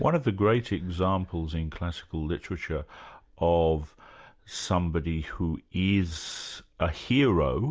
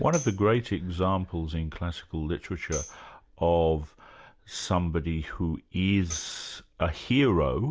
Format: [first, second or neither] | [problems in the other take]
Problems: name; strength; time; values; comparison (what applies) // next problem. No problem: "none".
first | background sound (Tambourine); 17 dB below the speech